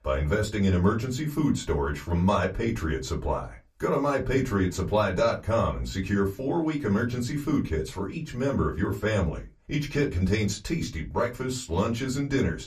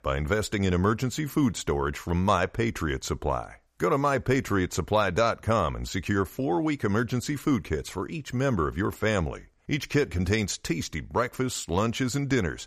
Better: second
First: off-mic speech; far // room echo; very slight; dies away in 0.2 s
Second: none

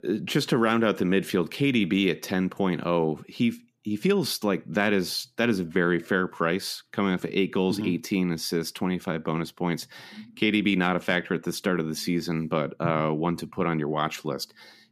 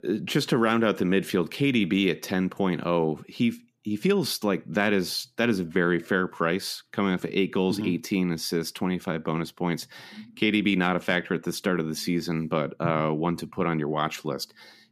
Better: neither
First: none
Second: none

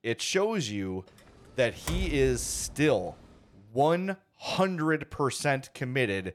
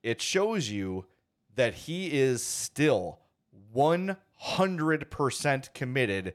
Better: second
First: door banging; noticeable; from 2 to 3 s; peak 6 dB below the speech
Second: none

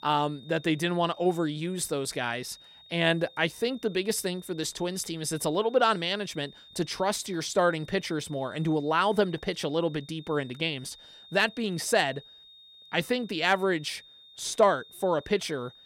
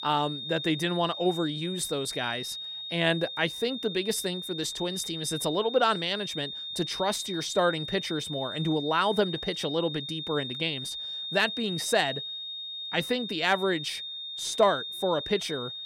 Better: first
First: high-pitched whine; faint; throughout; 3.5 kHz, 20 dB below the speech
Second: high-pitched whine; loud; throughout; 3.5 kHz, 6 dB below the speech

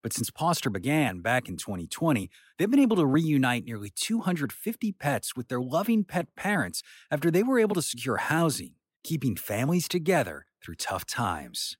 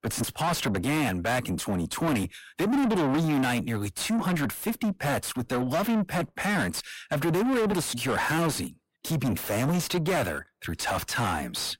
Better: first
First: none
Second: distortion; heavy; 6 dB below the speech

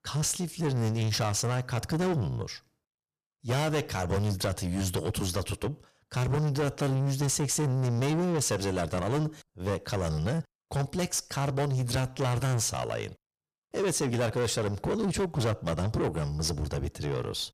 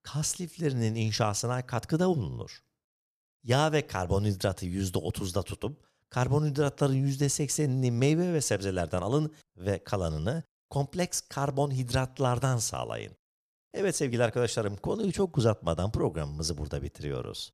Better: second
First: distortion; heavy; 7 dB below the speech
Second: none

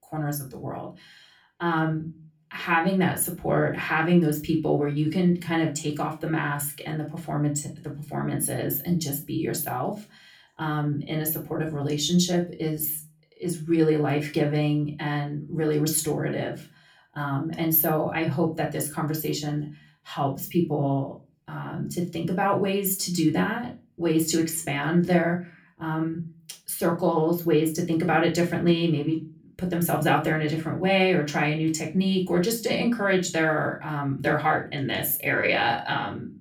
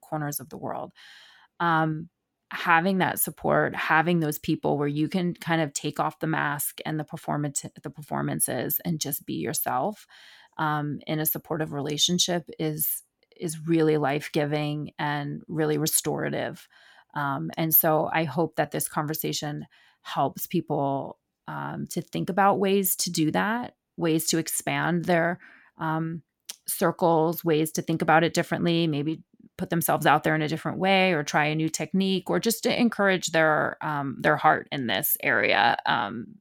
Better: second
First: off-mic speech; somewhat distant // room echo; very slight; dies away in 0.3 s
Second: none

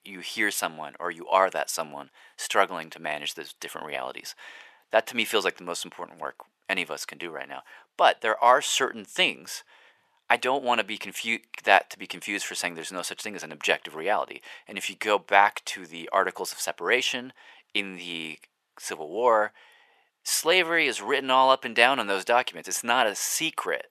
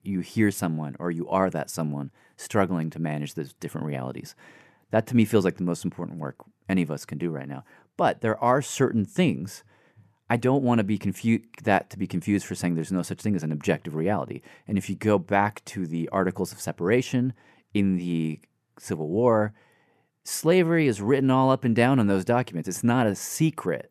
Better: second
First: thin; very; fading below 750 Hz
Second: none

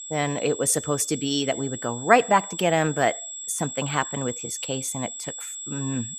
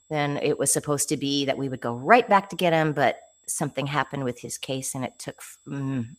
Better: second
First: high-pitched whine; loud; throughout; 7.5 kHz, 9 dB below the speech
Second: high-pitched whine; faint; throughout; 7.5 kHz, 35 dB below the speech

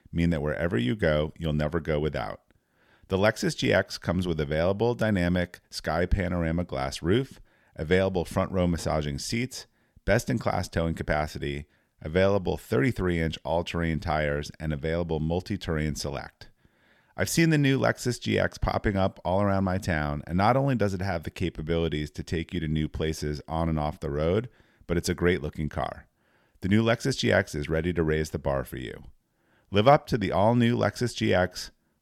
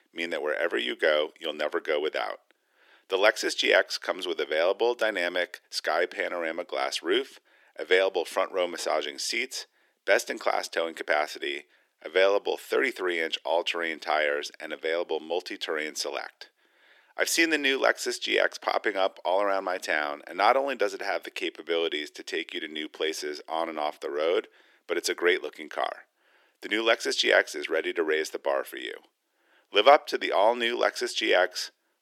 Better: first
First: none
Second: thin; very; fading below 350 Hz

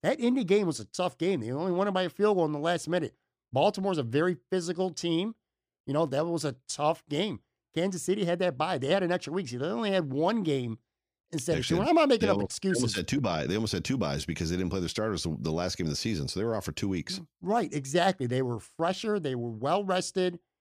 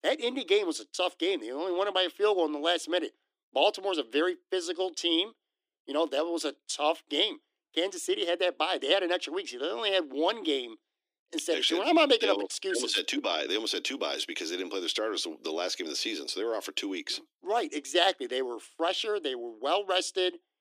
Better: first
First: none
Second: thin; somewhat; fading below 300 Hz

